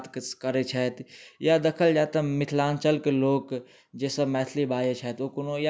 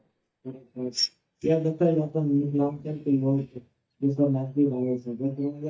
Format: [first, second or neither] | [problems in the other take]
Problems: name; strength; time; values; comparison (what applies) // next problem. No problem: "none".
first | noise reduction (neural mask model DeepFilterNet 3)